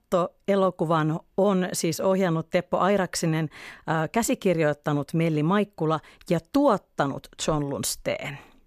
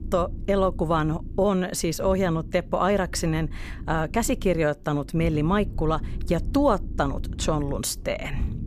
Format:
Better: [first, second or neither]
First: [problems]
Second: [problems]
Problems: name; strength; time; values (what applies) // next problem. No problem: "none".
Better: first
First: none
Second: low rumble; faint; throughout; 20 dB below the speech